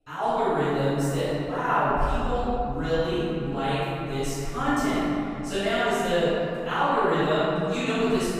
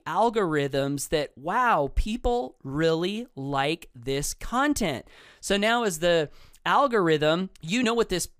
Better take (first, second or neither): second